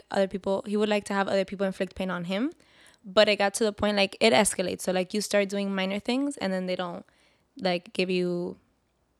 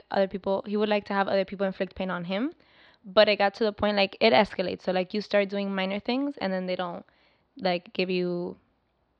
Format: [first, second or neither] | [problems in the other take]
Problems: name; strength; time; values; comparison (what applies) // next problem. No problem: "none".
first | muffled; very slightly; fading above 4.5 kHz